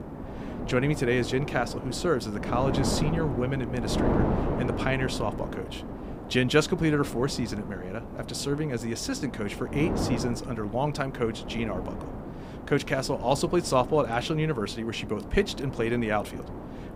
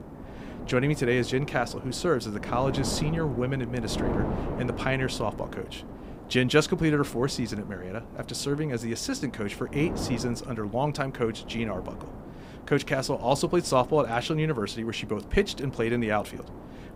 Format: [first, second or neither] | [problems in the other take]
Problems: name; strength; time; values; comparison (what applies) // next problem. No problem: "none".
second | wind noise on the microphone; heavy; 8 dB below the speech; occasional gusts in the second